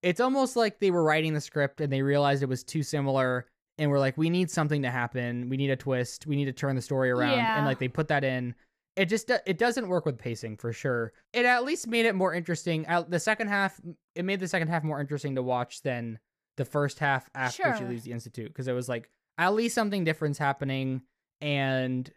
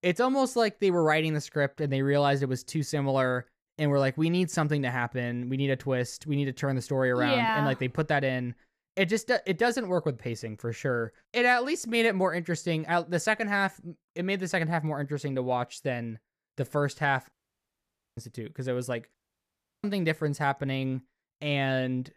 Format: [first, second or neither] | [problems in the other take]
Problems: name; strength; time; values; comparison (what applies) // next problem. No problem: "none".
first | audio cutting out; at 17 s for 1 s and at 19 s for 0.5 s